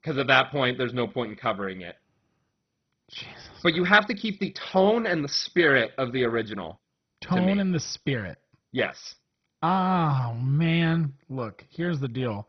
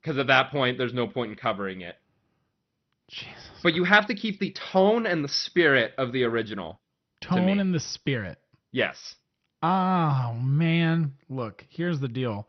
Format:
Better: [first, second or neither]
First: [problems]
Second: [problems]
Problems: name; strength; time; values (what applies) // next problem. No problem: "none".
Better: second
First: garbled, watery; badly; nothing above 6 kHz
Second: garbled, watery; slightly; nothing above 6 kHz